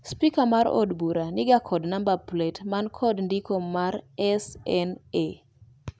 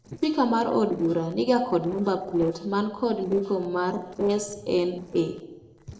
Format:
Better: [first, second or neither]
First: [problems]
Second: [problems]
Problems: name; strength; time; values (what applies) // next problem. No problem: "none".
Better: first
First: none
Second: noise reduction (neural separator model SepFormer DNS4)